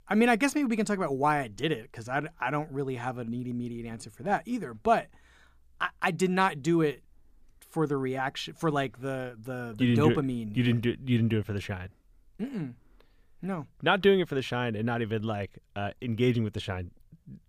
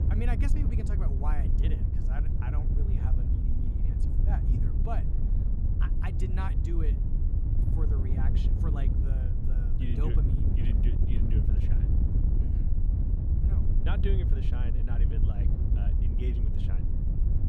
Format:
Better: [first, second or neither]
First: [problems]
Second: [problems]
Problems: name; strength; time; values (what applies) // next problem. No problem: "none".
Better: first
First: none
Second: wind noise on the microphone; heavy; as loud as the speech